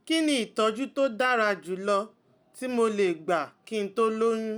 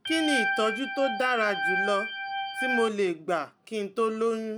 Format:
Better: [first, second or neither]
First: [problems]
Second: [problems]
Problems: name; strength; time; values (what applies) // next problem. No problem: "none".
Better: first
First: none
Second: background sound (Organ); 2 dB below the speech